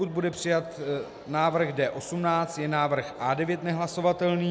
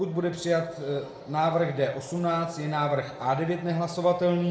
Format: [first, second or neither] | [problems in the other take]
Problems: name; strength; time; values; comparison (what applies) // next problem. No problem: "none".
first | room echo; dies away in 0.5 s